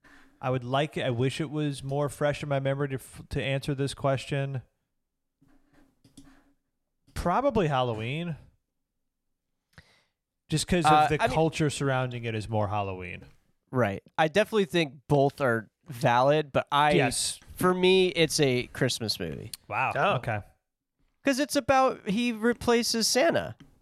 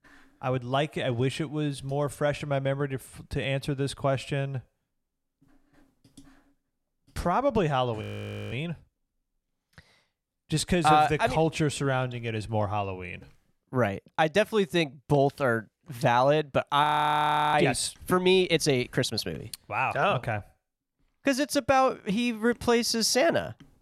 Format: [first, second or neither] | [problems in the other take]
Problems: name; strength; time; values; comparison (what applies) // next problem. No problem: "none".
first | audio freezing; at 8 s for 0.5 s and at 17 s for 0.5 s